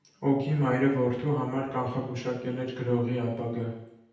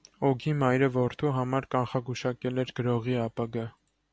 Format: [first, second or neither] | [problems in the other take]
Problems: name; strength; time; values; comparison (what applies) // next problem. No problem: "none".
second | room echo; dies away in 0.8 s